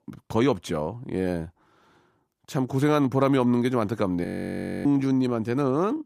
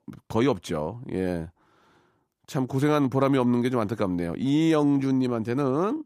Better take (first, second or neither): second